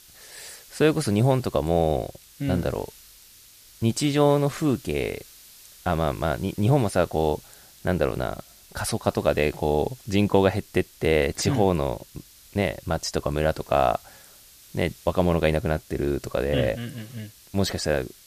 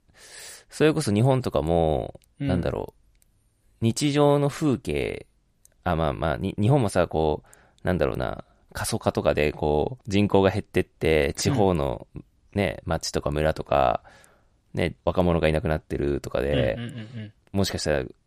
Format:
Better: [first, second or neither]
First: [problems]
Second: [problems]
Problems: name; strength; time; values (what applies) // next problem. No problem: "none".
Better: second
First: hiss; faint; throughout; 25 dB below the speech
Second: none